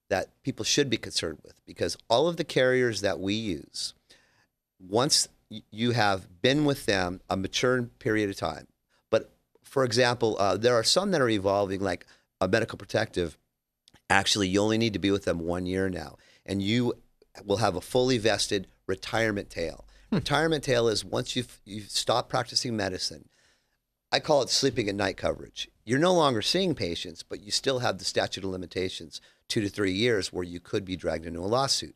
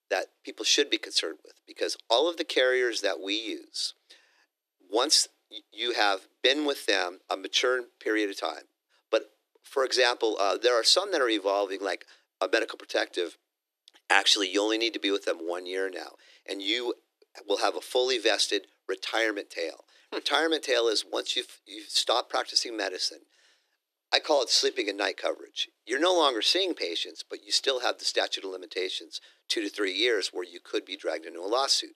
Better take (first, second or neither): first